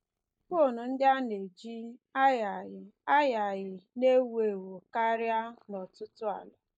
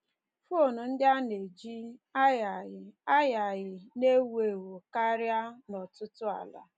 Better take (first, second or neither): second